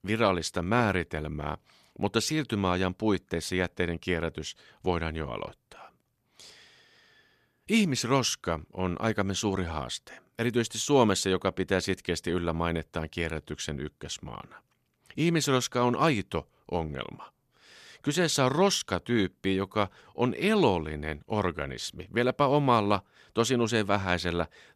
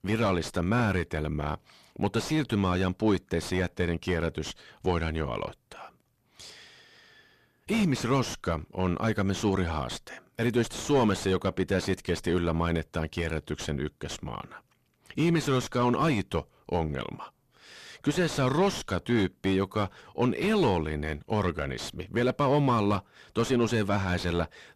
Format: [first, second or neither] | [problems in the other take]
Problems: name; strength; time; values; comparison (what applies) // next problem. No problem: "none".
first | distortion; heavy; 7 dB below the speech